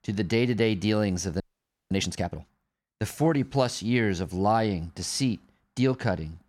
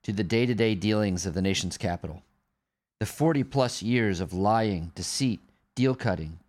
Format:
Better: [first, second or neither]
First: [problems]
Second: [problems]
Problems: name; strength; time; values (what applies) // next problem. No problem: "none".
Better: second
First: audio freezing; at 1.5 s for 0.5 s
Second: none